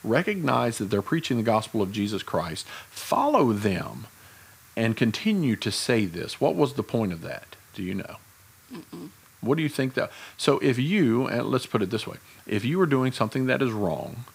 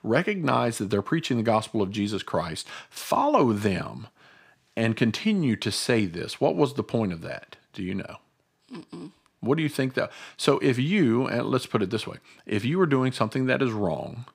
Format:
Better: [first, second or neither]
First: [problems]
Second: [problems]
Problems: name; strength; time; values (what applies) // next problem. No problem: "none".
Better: second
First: hiss; faint; throughout; 25 dB below the speech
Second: none